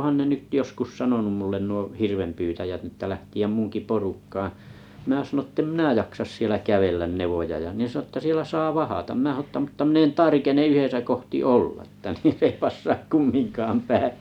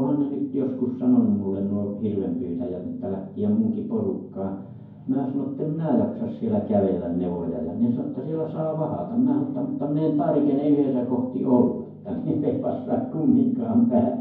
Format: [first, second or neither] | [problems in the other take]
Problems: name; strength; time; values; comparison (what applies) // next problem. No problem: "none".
first | room echo; dies away in 0.9 s